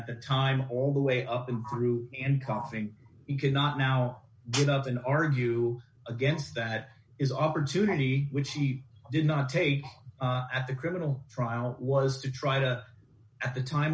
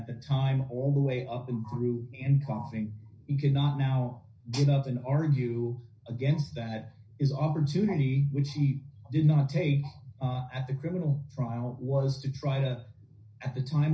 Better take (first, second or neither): first